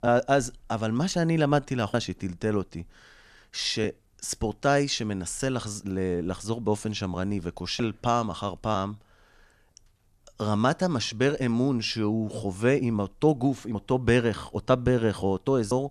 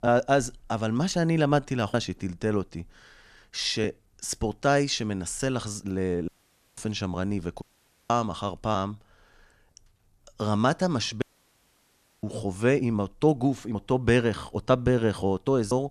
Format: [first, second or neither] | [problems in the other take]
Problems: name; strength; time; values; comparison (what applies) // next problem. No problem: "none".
first | audio cutting out; at 6.5 s, at 7.5 s and at 11 s for 1 s